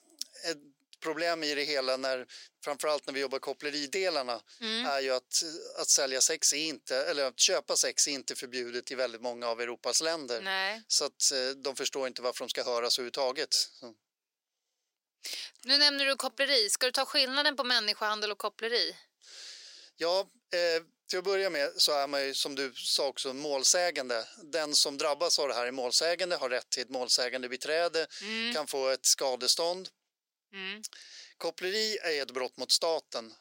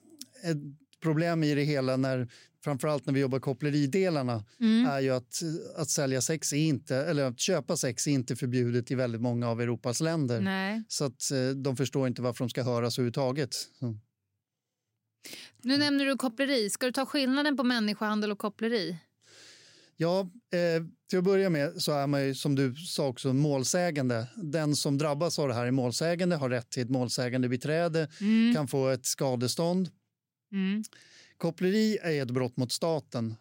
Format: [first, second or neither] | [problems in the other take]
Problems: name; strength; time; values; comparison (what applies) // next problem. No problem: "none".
second | thin; very; fading below 450 Hz